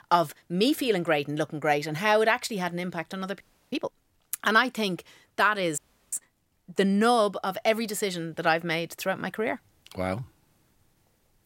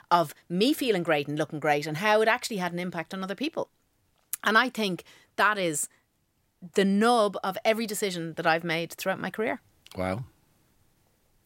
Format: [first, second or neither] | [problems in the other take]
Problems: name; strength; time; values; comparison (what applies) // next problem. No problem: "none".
second | audio freezing; at 3.5 s and at 6 s